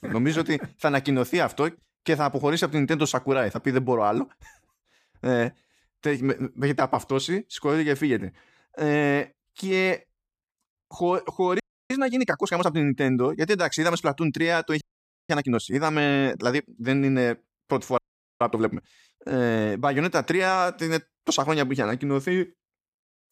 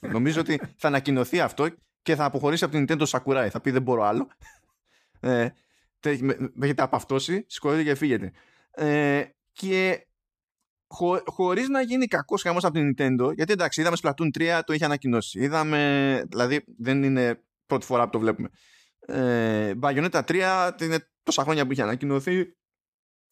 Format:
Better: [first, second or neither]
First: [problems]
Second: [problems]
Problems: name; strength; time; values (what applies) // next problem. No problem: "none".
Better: second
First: audio freezing; at 12 s, at 15 s and at 18 s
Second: none